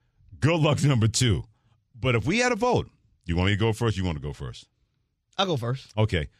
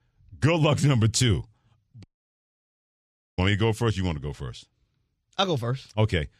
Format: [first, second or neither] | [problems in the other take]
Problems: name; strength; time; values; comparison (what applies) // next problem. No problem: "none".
first | audio cutting out; at 2 s for 1.5 s